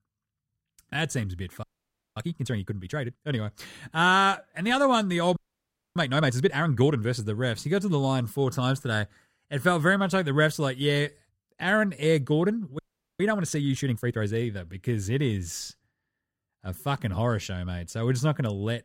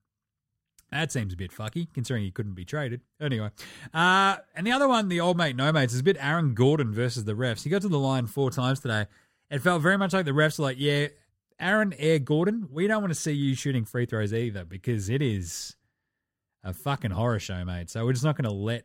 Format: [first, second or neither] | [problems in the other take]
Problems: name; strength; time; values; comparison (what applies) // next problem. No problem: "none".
second | audio freezing; at 1.5 s for 0.5 s, at 5.5 s for 0.5 s and at 13 s